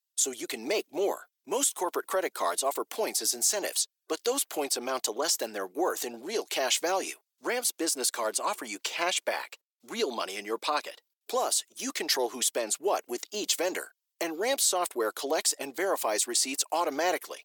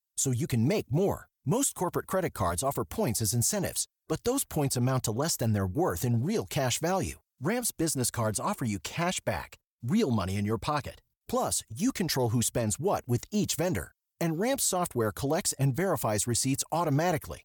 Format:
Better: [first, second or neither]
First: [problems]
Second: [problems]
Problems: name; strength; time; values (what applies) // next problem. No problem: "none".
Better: second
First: thin; very; fading below 350 Hz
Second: none